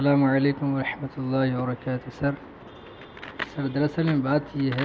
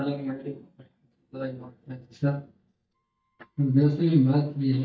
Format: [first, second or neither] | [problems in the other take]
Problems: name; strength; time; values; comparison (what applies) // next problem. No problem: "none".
first | noise reduction (neural mask model DeepFilterNet 3)